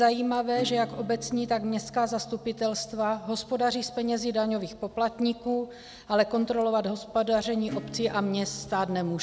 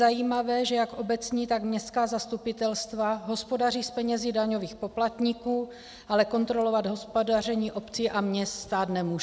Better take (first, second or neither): second